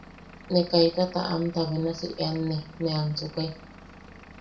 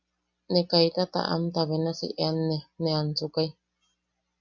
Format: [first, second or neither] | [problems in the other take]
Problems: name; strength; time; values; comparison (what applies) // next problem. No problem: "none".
second | background sound (Engine / Vehicle); 19 dB below the speech // room echo; dies away in 0.4 s